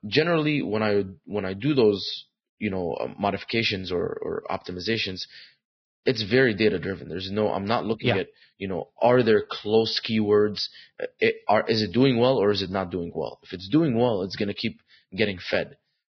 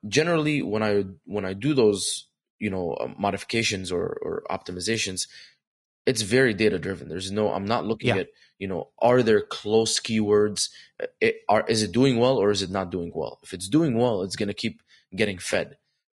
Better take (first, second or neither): second